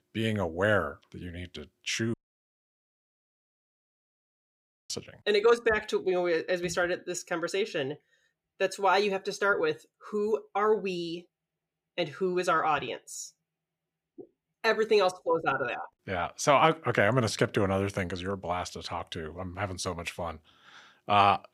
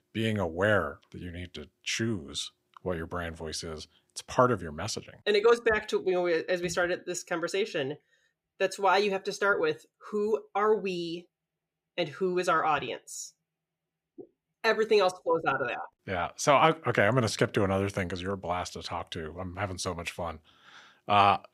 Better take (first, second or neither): second